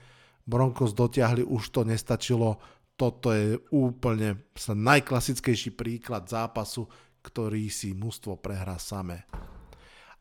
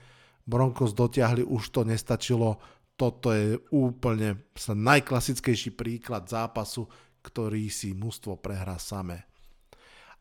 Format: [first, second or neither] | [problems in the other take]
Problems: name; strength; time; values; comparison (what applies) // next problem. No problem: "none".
second | door banging; faint; at 9.5 s; peak 15 dB below the speech